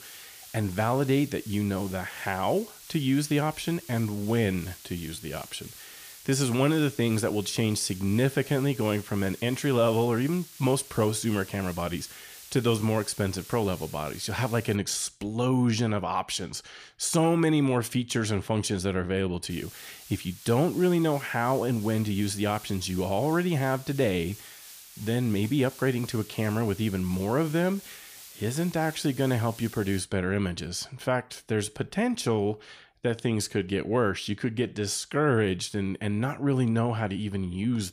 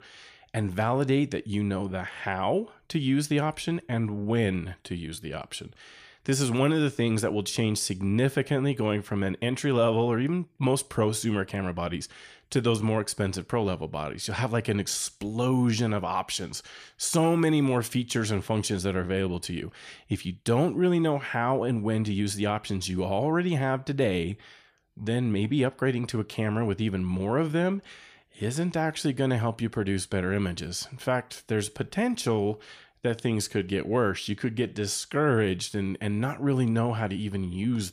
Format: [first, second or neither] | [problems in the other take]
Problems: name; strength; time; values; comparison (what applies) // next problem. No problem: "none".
second | hiss; noticeable; until 15 s and from 20 to 30 s; 15 dB below the speech